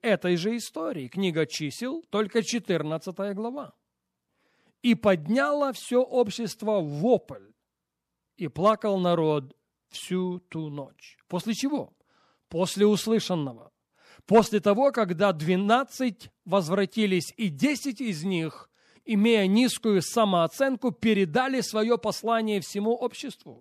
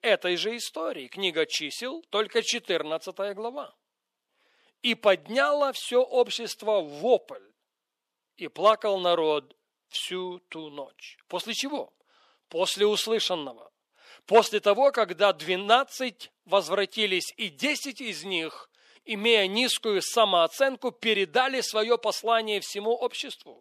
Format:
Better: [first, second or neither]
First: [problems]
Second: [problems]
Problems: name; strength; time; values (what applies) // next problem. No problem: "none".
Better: first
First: none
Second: thin; somewhat; fading below 500 Hz